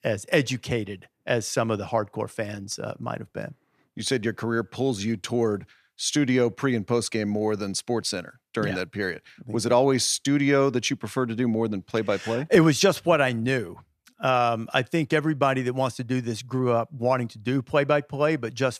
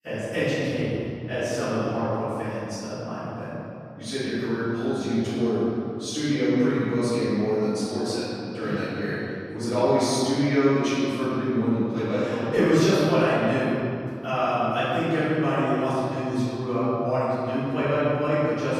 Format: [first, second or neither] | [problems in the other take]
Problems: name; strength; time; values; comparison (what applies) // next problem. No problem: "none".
first | off-mic speech; far // room echo; strong; dies away in 2.7 s